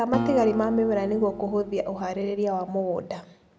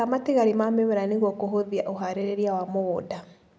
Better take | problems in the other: second | background sound (Acoustic guitar); 9 dB below the speech

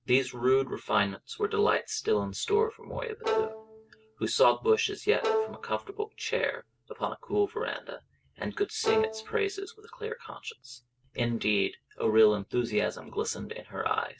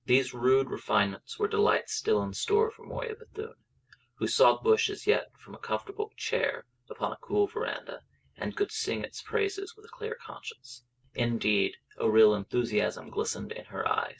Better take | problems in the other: second | background sound (Bowed string instrument); 5 dB below the speech

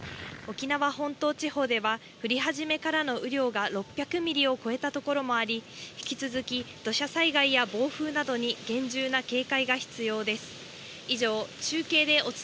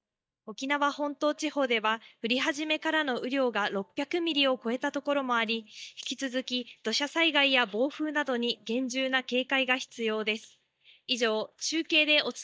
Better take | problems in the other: first | noise reduction (neural mask model DeepFilterNet 3)

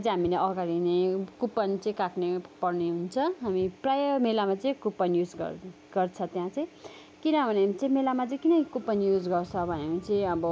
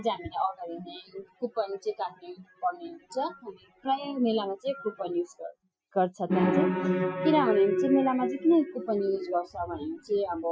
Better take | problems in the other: first | noise reduction (classical method Wiener filter)

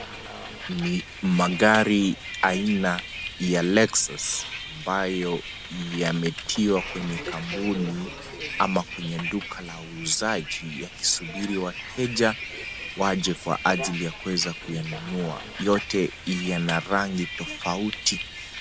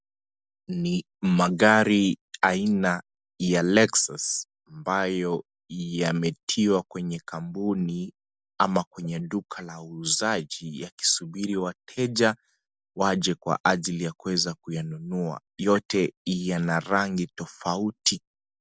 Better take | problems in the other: second | background sound (Bus); 10 dB below the speech

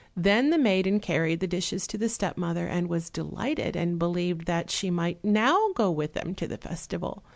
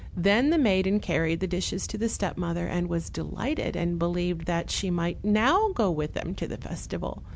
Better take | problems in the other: first | background sound (Wind / Boat, Water vehicle); 12 dB below the speech

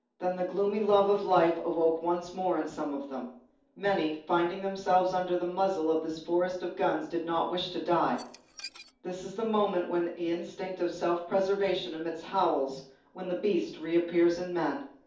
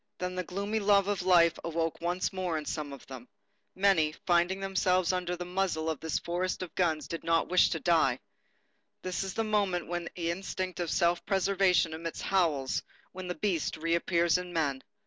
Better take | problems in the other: second | background sound (Dishes, pots, and pans / Glass); 19 dB below the speech // room echo; dies away in 0.6 s

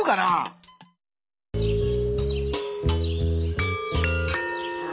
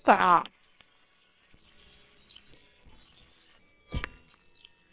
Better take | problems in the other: first | noise reduction (neural separator model SepFormer WHAMR!)

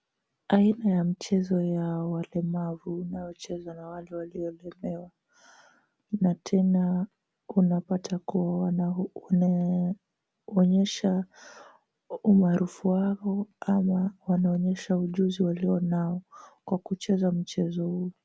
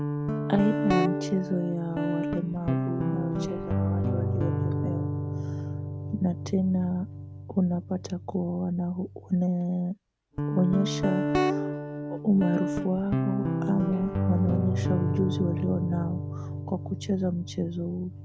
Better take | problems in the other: first | background sound (Guitar); as loud as the speech

